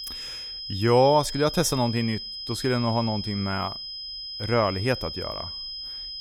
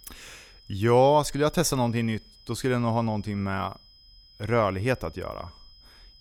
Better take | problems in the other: second | high-pitched whine; loud; throughout; 5 kHz, 8 dB below the speech; faint in the second

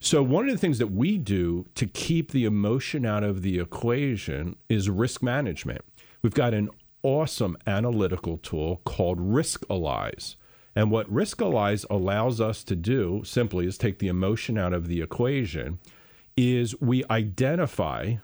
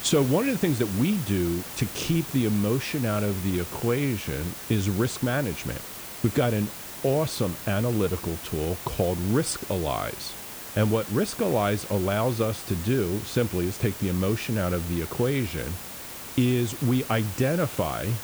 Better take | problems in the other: first | hiss; loud; throughout; 9 dB below the speech

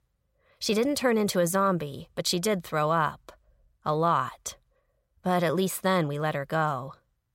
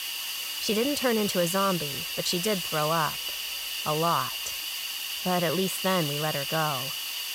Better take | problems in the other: first | hiss; loud; throughout; 2 dB below the speech

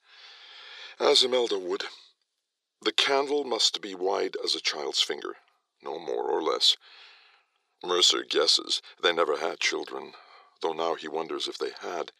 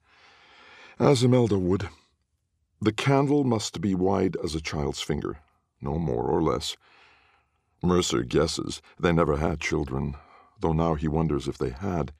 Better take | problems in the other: second | thin; very; fading below 400 Hz

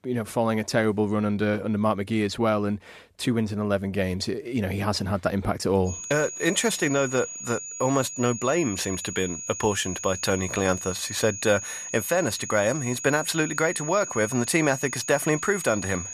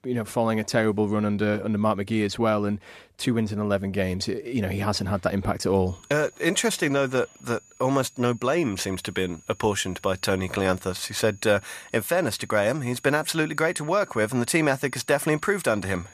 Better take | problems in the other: second | high-pitched whine; loud; from 6 s on; 6.5 kHz, 8 dB below the speech; faint in the second

